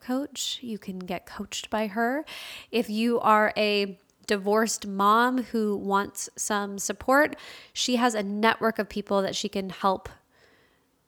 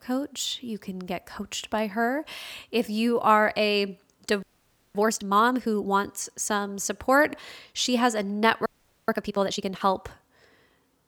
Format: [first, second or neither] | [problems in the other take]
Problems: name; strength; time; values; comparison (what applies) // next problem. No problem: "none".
first | audio freezing; at 4.5 s for 0.5 s and at 8.5 s